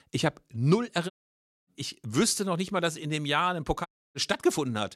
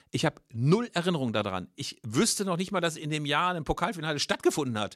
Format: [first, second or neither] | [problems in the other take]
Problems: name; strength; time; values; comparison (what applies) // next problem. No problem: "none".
second | audio cutting out; at 1 s for 0.5 s and at 4 s